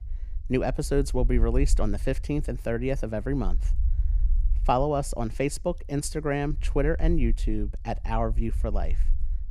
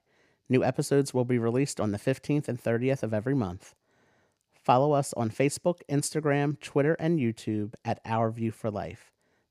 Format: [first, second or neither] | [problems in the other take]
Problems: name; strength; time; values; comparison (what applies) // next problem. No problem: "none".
second | low rumble; faint; throughout; 25 dB below the speech